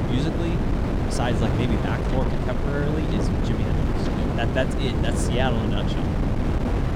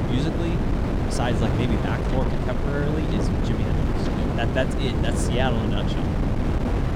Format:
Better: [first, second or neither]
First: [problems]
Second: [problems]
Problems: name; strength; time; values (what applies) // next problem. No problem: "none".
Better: neither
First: wind noise on the microphone; heavy; as loud as the speech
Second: wind noise on the microphone; heavy; as loud as the speech